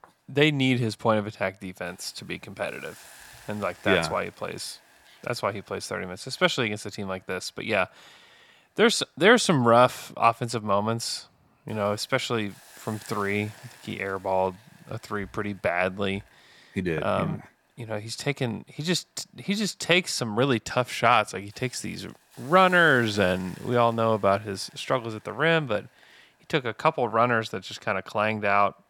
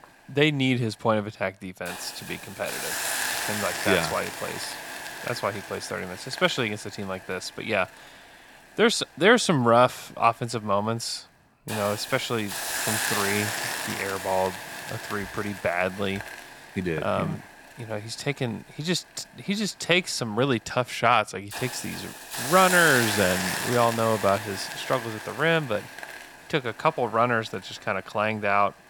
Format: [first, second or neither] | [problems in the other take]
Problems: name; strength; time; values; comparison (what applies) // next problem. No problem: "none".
first | hiss; loud; throughout; 5 dB below the speech; faint in the first